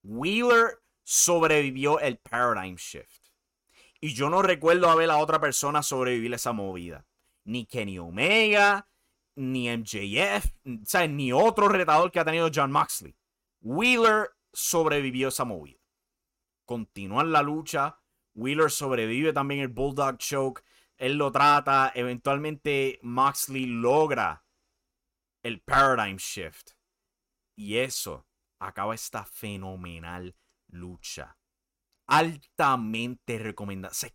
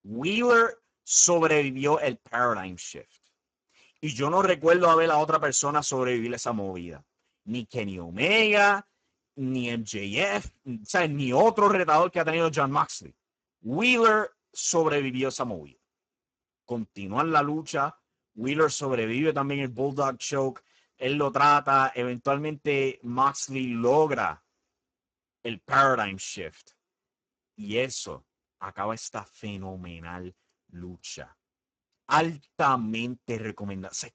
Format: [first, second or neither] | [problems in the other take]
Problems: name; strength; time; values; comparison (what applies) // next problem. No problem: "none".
first | garbled, watery; badly; nothing above 7.5 kHz